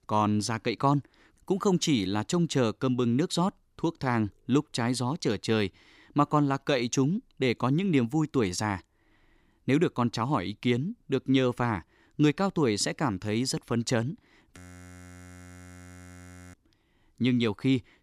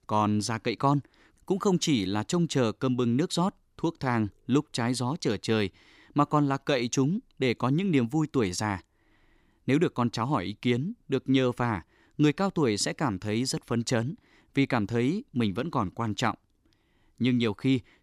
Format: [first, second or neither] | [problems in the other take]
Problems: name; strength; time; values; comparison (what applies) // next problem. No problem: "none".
second | audio freezing; at 15 s for 2 s